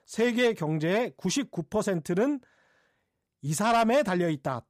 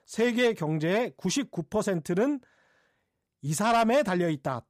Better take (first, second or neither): neither